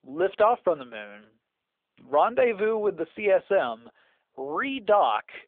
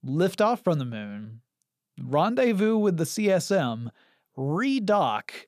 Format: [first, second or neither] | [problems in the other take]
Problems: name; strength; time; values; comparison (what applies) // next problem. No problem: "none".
second | phone-call audio; nothing above 3.5 kHz